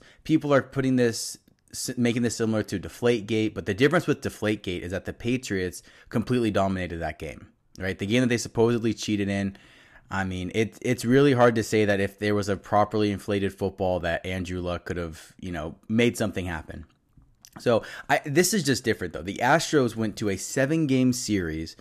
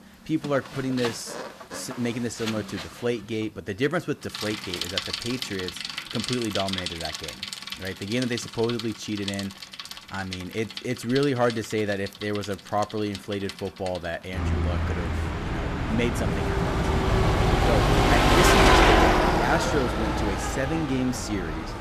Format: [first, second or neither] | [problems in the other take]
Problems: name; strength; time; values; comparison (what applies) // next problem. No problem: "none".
first | traffic noise; very loud; throughout; 4 dB above the speech